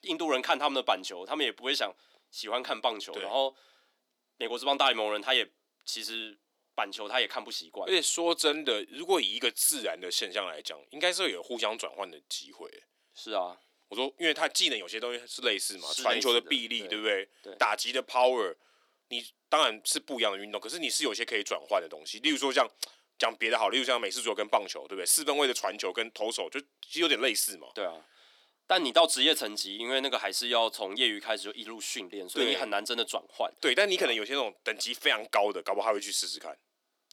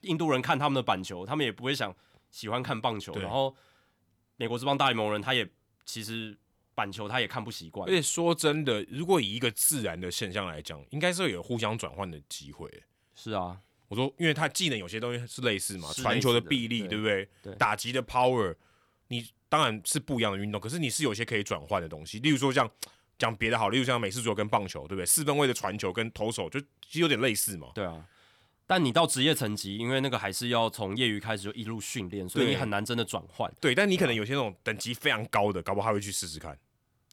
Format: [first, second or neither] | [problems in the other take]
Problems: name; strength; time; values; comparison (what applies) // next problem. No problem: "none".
second | thin; somewhat; fading below 300 Hz